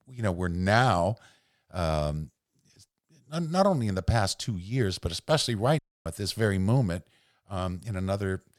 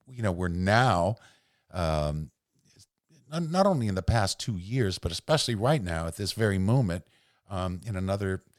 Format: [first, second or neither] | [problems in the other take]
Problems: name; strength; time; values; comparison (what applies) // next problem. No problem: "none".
second | audio cutting out; at 6 s